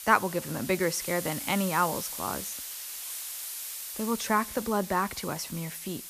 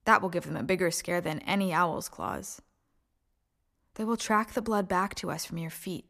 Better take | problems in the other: second | hiss; loud; throughout; 6 dB below the speech

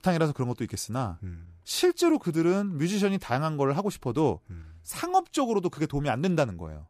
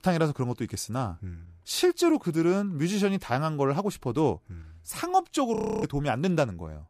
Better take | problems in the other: first | audio freezing; at 5.5 s

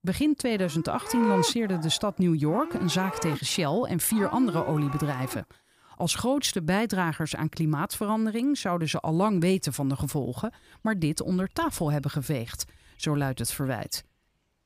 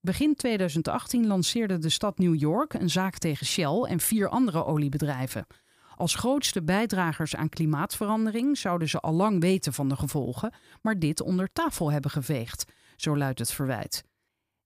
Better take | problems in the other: second | animal sounds; loud; throughout; 8 dB below the speech

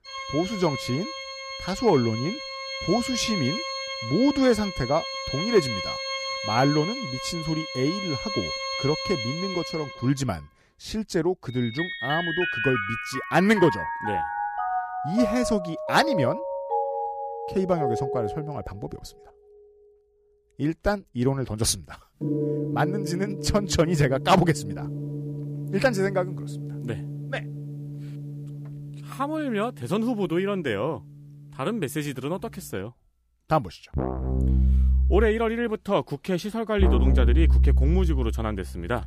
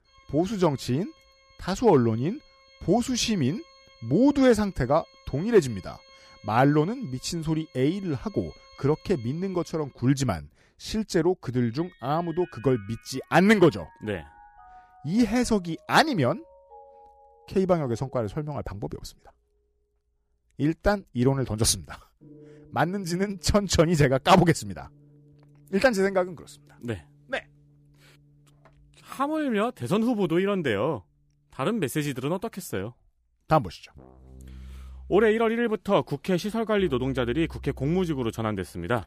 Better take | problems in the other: second | background music; loud; throughout; 2 dB below the speech; faint in the second

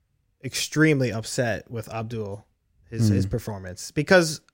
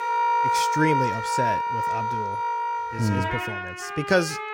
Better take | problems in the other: first | background music; very loud; throughout; 2 dB above the speech

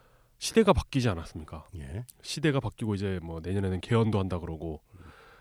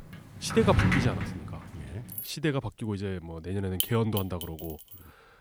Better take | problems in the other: first | household noises; loud; throughout; as loud as the speech

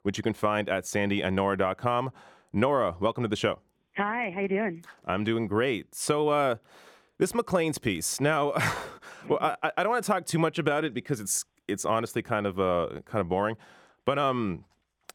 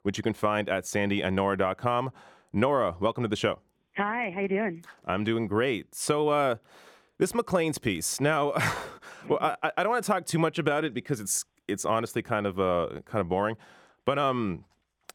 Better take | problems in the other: neither | none

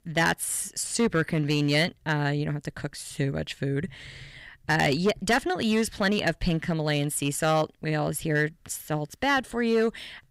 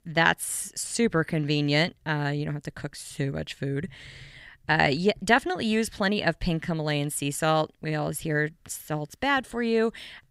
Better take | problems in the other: second | distortion; slight; 3% of the sound clipped

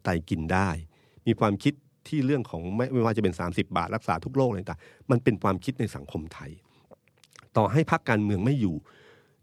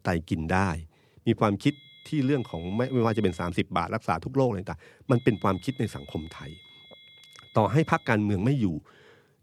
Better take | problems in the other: first | high-pitched whine; faint; from 1.5 to 3.5 s and from 5 to 8 s; 3.5 kHz, 25 dB below the speech

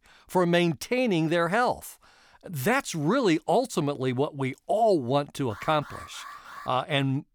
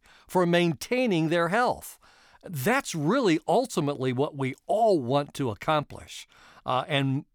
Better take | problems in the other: second | alarm; faint; from 5.5 to 6.5 s; peak 15 dB below the speech

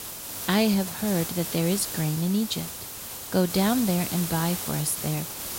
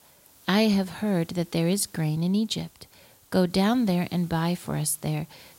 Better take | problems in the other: second | hiss; loud; throughout; 6 dB below the speech; faint in the second

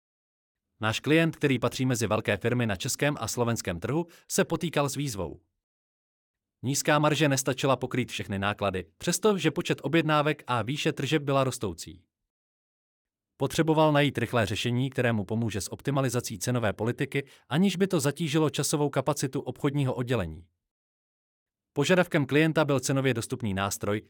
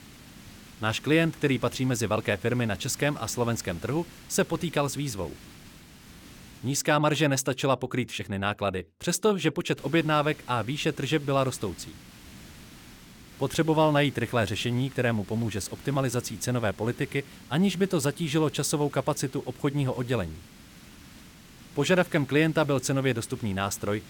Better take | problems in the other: first | hiss; faint; until 7 s and from 10 s on; 20 dB below the speech

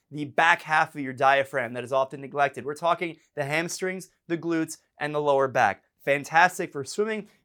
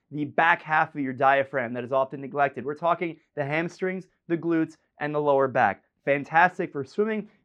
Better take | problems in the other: first | muffled; very; fading above 2.5 kHz

